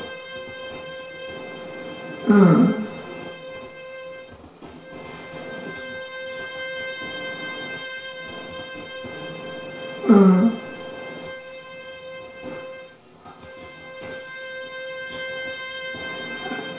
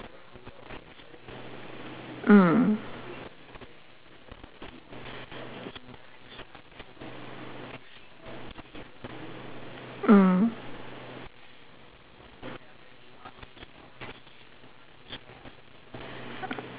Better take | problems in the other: second | background sound (Bowed string instrument); 10 dB below the speech // room echo; dies away in 0.6 s

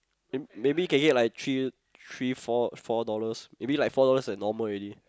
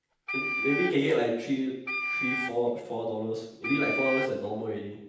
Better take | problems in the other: first | background sound (Wind instrument, woodwind instrument); 4 dB below the speech // room echo; dies away in 0.9 s

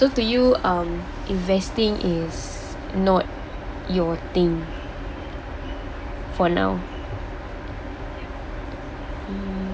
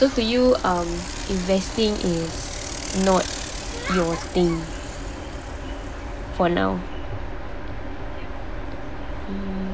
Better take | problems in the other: first | background sound (Bicycle); 10 dB below the speech

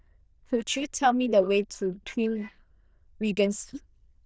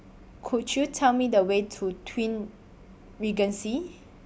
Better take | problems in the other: second | noise reduction (neural diffusion model UNIVERSE++)

